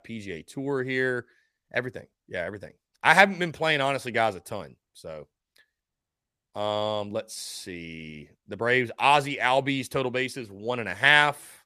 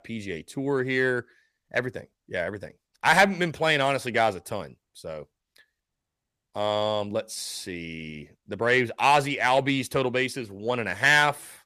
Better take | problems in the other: first | distortion; slight; 10 dB below the speech

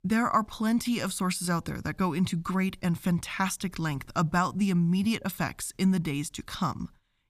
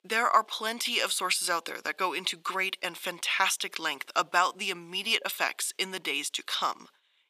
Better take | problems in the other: first | thin; very; fading below 450 Hz

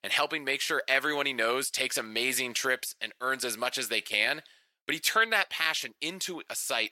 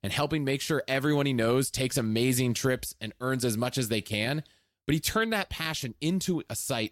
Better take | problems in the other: second | thin; very; fading below 550 Hz

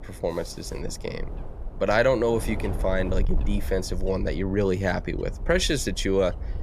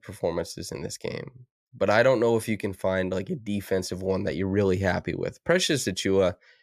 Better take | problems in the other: second | wind noise on the microphone; occasional gusts; 20 dB below the speech

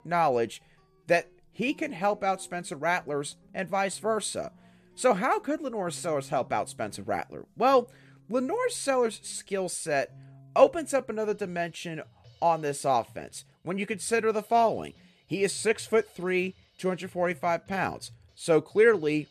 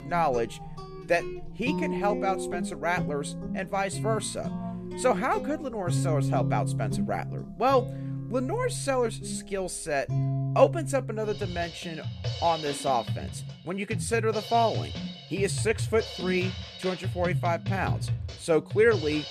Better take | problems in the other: first | background music; loud; throughout; 5 dB below the speech; faint in the first

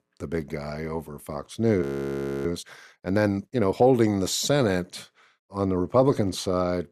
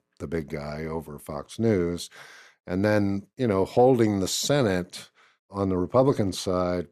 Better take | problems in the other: second | audio freezing; at 2 s for 0.5 s

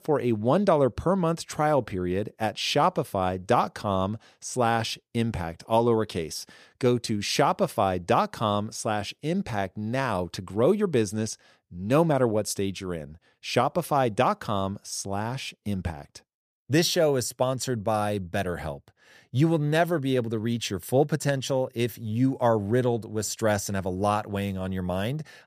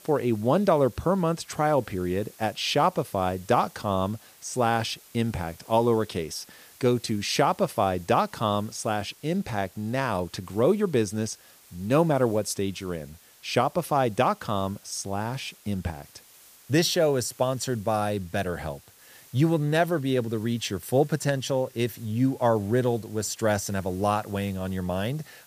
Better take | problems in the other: first | hiss; faint; throughout; 25 dB below the speech

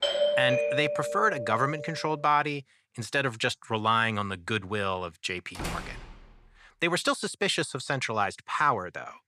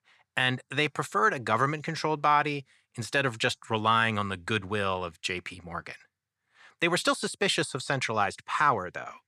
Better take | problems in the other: second | doorbell; loud; until 2 s; peak 3 dB above the speech // door banging; noticeable; at 5.5 s; peak 8 dB below the speech

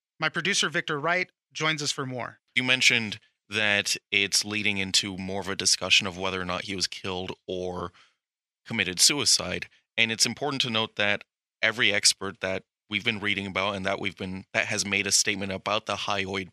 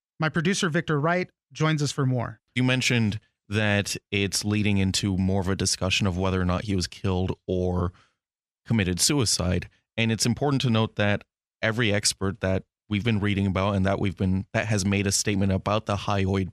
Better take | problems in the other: second | thin; somewhat; fading below 1 kHz

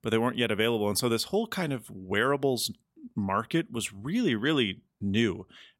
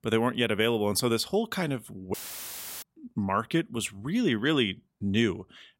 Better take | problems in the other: first | audio cutting out; filled with static; at 2 s for 0.5 s

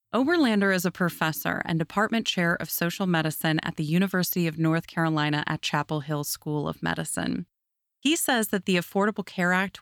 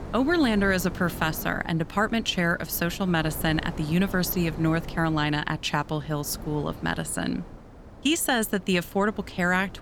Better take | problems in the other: first | wind noise on the microphone; occasional gusts; 15 dB below the speech

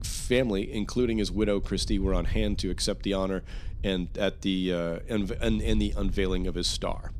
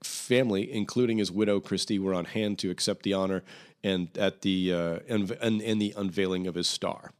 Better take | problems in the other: second | wind noise on the microphone; occasional gusts; 25 dB below the speech

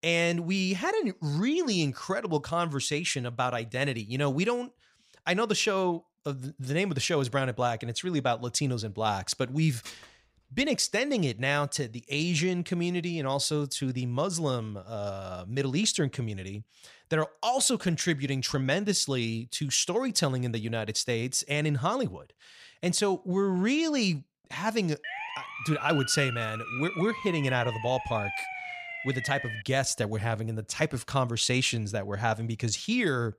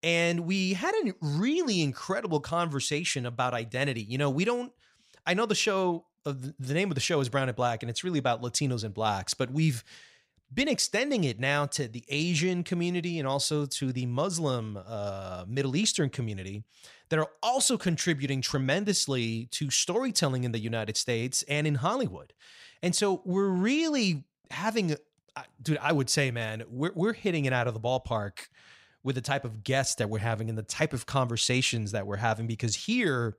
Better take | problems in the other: second | clattering dishes; faint; at 10 s; peak 15 dB below the speech // siren; noticeable; from 25 to 30 s; peak 5 dB below the speech

